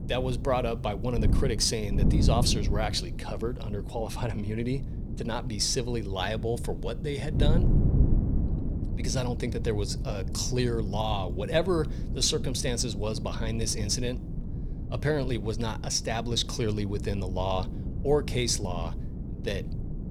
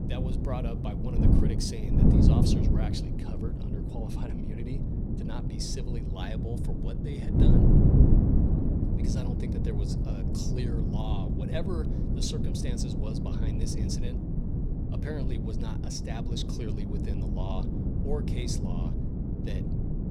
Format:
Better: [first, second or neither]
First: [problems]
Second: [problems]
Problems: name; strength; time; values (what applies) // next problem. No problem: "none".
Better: first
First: wind noise on the microphone; occasional gusts; 10 dB below the speech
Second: wind noise on the microphone; heavy; 3 dB above the speech